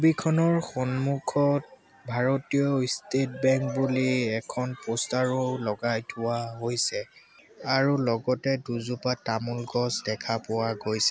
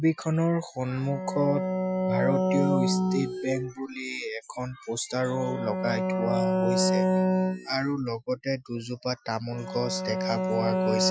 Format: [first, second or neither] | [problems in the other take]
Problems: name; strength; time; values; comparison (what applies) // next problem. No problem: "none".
first | noise reduction (classical method Wiener filter)